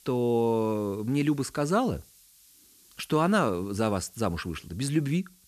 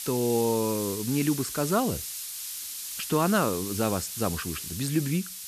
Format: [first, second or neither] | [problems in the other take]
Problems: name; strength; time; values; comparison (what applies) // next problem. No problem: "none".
first | hiss; loud; throughout; 6 dB below the speech; faint in the first